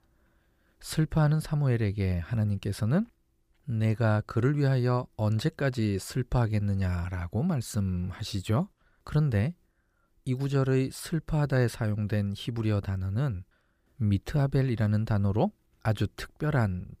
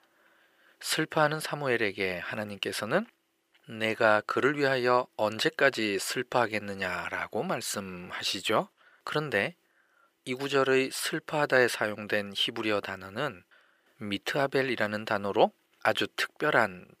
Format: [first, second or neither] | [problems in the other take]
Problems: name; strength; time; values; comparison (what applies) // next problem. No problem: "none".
first | thin; very; fading below 450 Hz